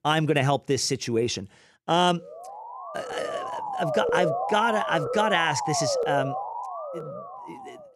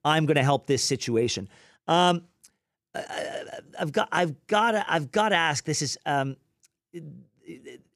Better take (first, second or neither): second